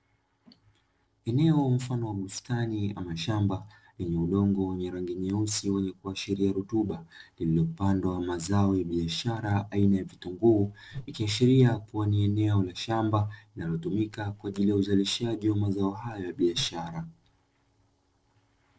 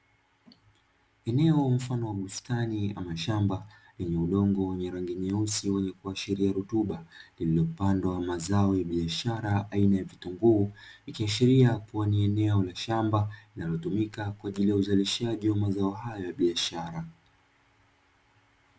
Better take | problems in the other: second | noise reduction (neural separator model SepFormer DNS4)

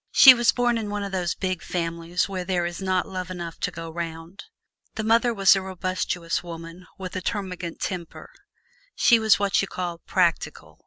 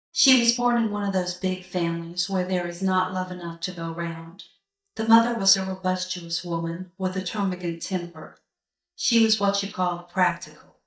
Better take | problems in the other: first | noise reduction (neural mask model DeepFilterNet 3)

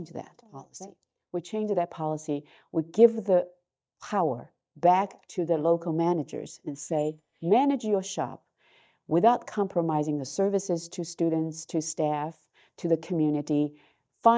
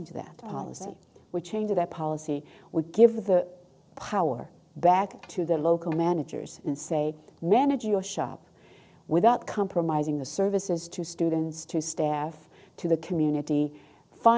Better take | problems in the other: second | noise reduction (neural mask model DeepFilterNet 3)

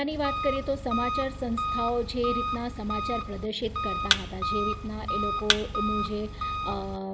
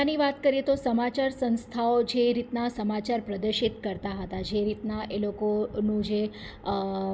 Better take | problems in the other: second | background sound (Engine + Thump, thud); 1 dB above the speech

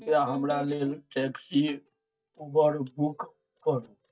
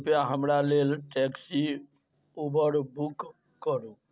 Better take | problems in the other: second | noise reduction (neural mask model DeepFilterNet 3)

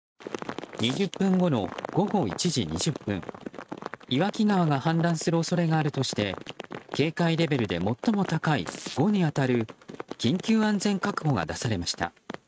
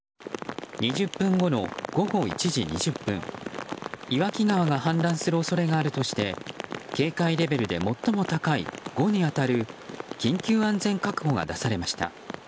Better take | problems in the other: second | noise reduction (neural mask model RNNoise)

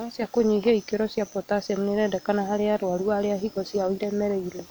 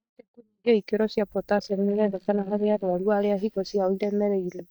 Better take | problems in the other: first | noise reduction (neural mask model DeepFilterNet 3)

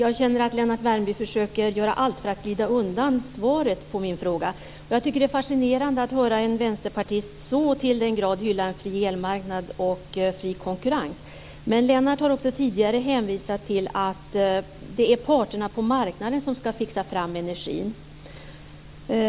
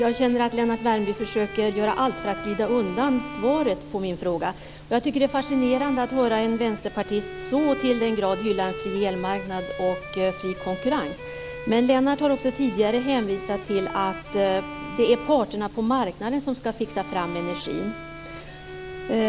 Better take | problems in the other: first | background sound (Bowed string instrument); 13 dB below the speech

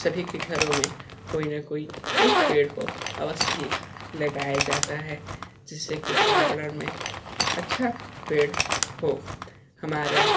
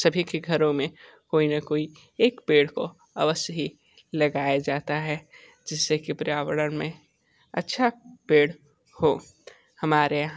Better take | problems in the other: second | background sound (Zipper (clothing)); 2 dB above the speech // room echo; dies away in 0.3 s

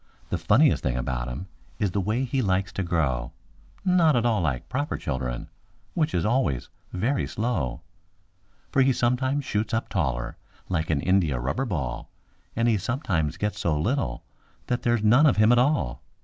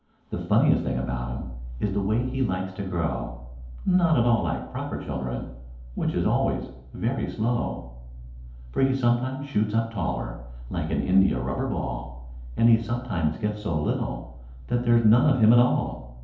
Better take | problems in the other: first | room echo; dies away in 2.2 s

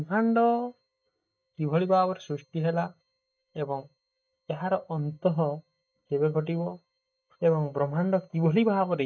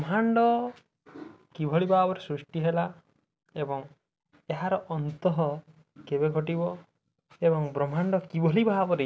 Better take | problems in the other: second | noise reduction (neural mask model DeepFilterNet 3)

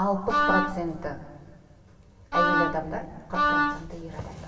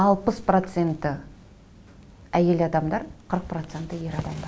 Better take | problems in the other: second | background sound (Wind instrument, woodwind instrument); 5 dB above the speech // room echo; dies away in 2.2 s

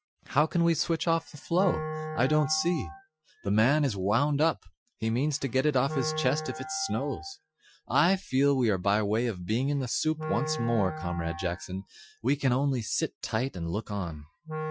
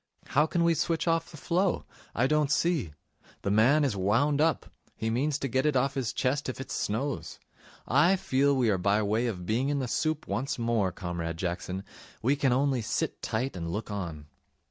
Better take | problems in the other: second | noise reduction (classical method Wiener filter)

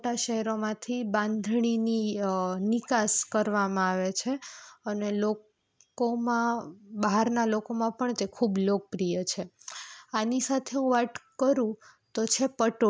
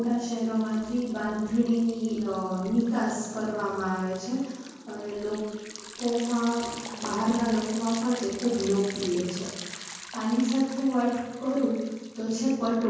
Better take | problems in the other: first | background sound (Liquid); 15 dB below the speech // room echo; dies away in 1.3 s

